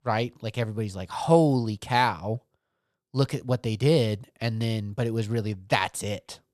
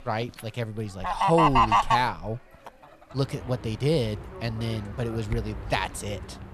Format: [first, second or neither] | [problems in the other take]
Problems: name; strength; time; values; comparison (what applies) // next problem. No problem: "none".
first | animal sounds; very loud; throughout; 4 dB above the speech